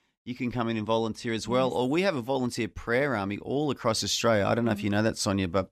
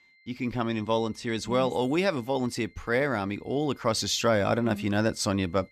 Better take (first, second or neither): first